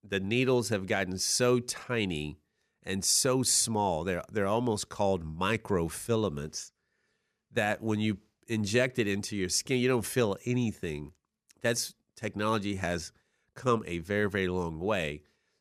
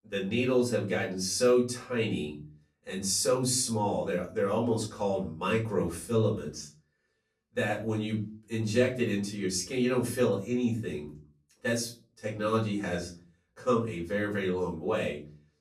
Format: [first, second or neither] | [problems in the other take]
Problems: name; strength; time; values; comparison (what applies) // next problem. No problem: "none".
first | off-mic speech; far // room echo; slight; dies away in 0.3 s